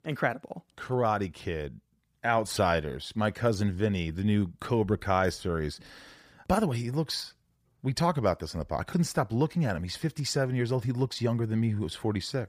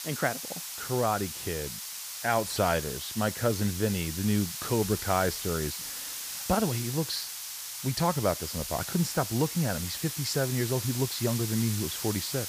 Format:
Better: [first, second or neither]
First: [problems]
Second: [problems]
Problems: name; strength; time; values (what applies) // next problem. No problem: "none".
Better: first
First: none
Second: hiss; loud; throughout; 5 dB below the speech